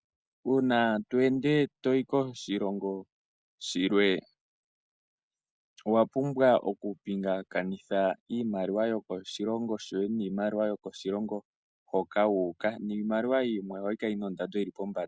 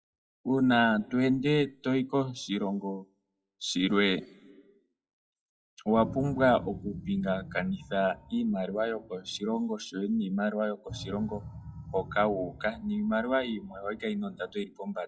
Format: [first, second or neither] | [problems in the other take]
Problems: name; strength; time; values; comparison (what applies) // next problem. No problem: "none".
first | noise reduction (classical method WPE with log-MMSE)